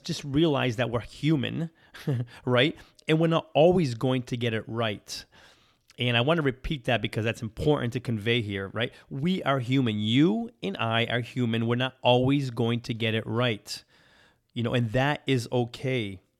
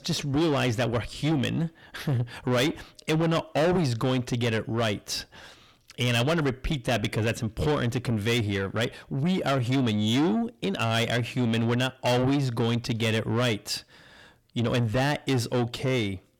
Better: first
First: none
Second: distortion; heavy; 7 dB below the speech

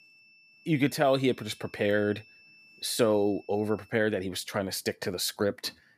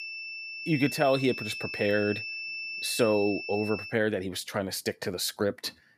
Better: first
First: high-pitched whine; faint; until 4 s; 2.5 kHz, 25 dB below the speech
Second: high-pitched whine; loud; until 4 s; 2.5 kHz, 6 dB below the speech

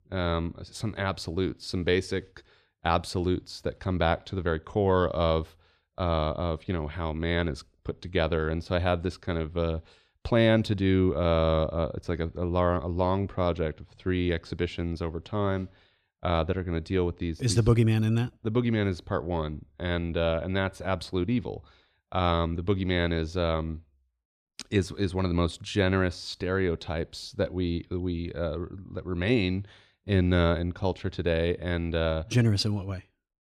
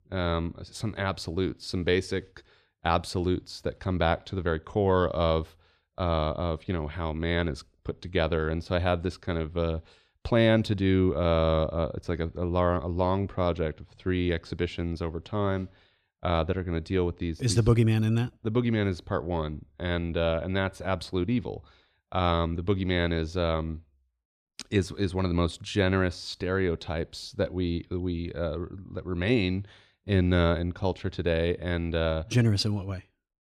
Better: neither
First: none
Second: none

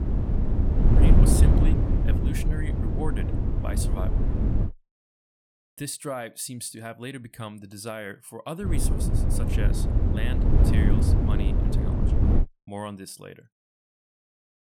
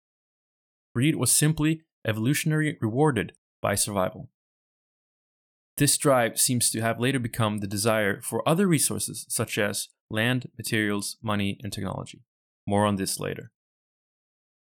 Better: second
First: wind noise on the microphone; heavy; until 4.5 s and from 8.5 to 12 s; 2 dB above the speech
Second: none

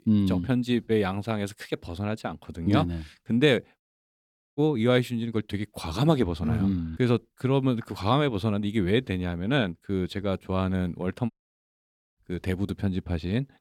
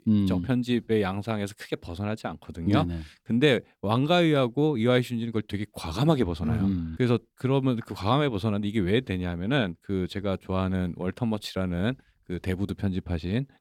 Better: second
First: audio cutting out; at 4 s for 1 s and at 11 s for 1 s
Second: none

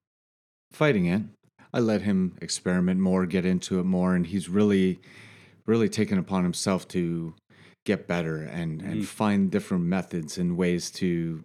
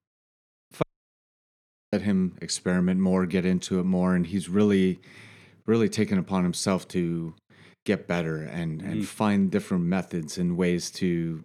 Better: first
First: none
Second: audio cutting out; at 1 s for 1 s

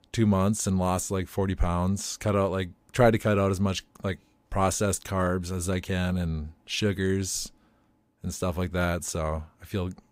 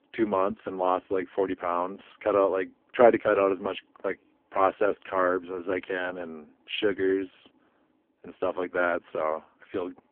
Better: first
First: none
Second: phone-call audio; poor line; nothing above 3.5 kHz

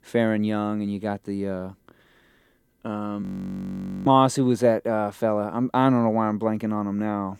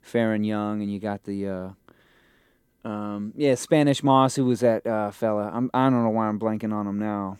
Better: second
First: audio freezing; at 3 s for 1 s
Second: none

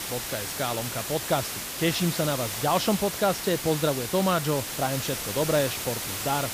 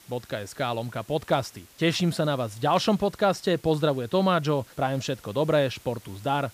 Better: second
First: hiss; loud; throughout; 3 dB below the speech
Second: hiss; faint; throughout; 25 dB below the speech

